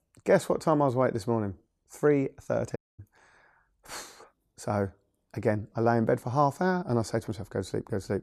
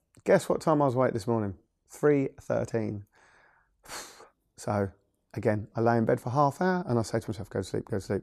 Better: second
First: audio cutting out; at 3 s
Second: none

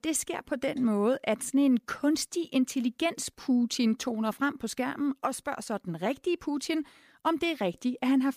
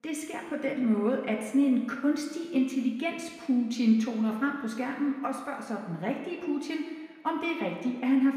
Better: first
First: none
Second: room echo; noticeable; dies away in 1.6 s // off-mic speech; somewhat distant

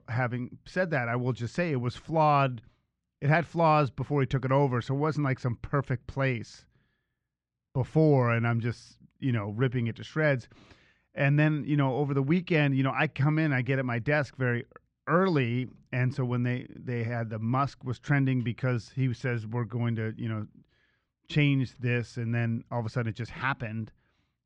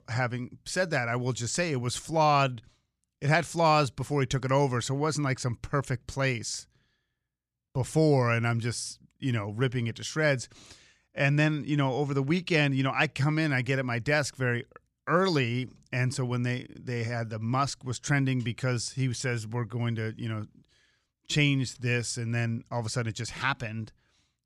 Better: second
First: muffled; slightly; fading above 2.5 kHz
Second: none

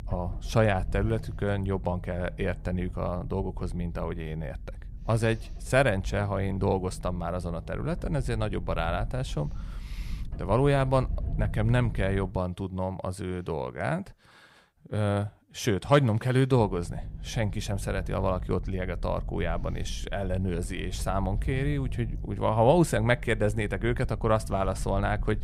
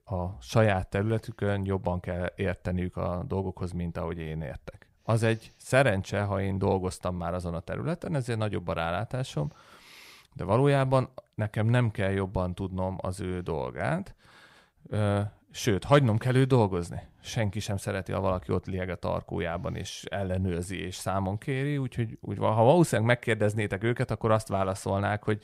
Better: second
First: low rumble; faint; until 12 s and from 17 s on; 25 dB below the speech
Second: none

